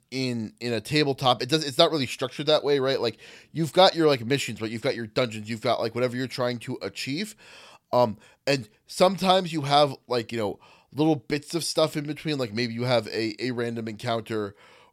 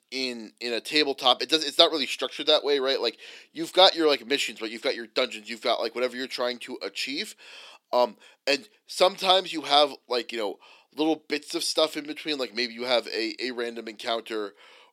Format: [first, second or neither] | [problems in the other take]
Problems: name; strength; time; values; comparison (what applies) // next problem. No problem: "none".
first | thin; somewhat; fading below 300 Hz